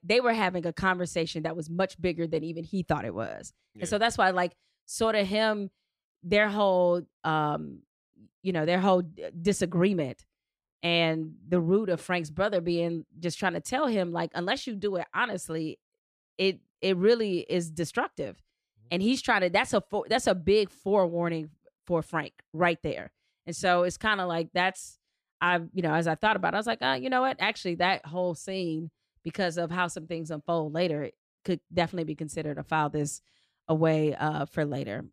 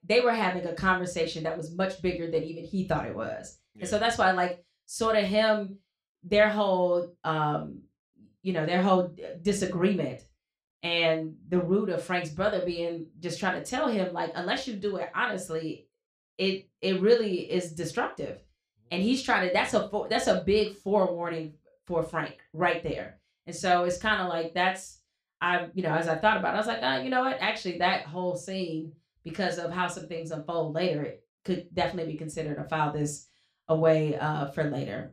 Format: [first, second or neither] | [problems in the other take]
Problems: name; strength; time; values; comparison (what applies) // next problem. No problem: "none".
first | room echo; slight; dies away in 0.3 s